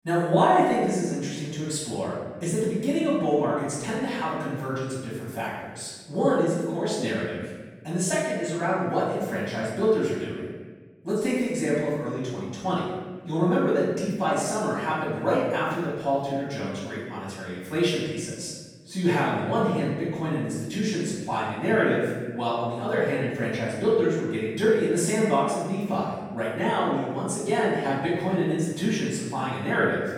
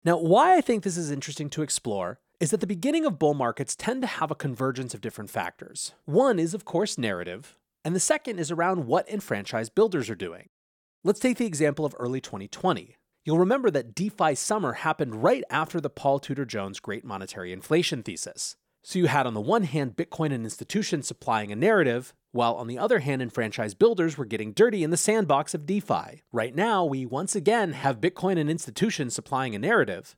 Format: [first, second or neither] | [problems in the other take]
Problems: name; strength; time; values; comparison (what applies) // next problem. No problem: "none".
second | off-mic speech; far // room echo; strong; dies away in 1.3 s